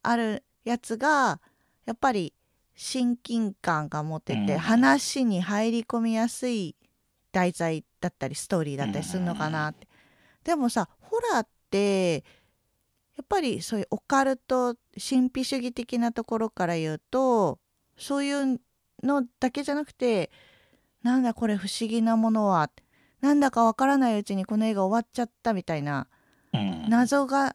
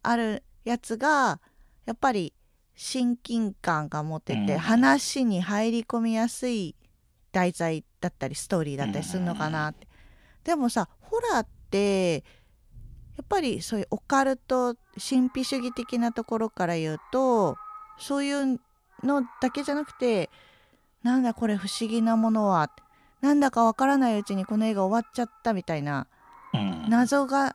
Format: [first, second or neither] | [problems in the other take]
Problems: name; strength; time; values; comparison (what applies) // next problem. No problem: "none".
first | animal sounds; faint; throughout; 25 dB below the speech